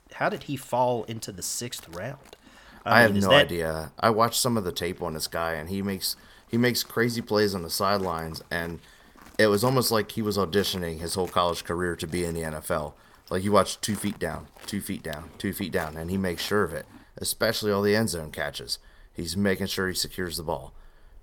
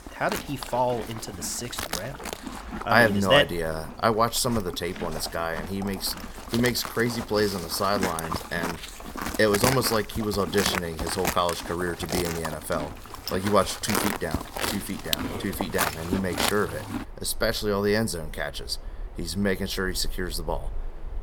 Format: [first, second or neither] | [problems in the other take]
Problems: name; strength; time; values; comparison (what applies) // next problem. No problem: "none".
first | animal sounds; loud; throughout; 6 dB below the speech; faint in the first